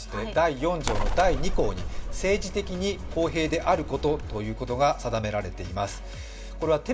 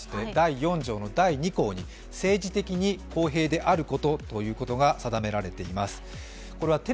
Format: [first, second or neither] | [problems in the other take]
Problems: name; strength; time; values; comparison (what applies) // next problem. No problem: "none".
second | background sound (Bird); 3 dB below the speech // room echo; dies away in 1.8 s